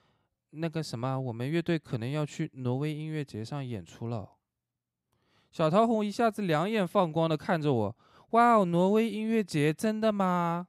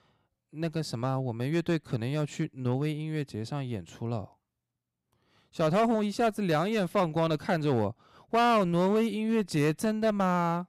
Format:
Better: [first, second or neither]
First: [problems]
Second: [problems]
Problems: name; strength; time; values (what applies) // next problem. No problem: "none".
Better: first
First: none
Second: distortion; slight; 6% of the sound clipped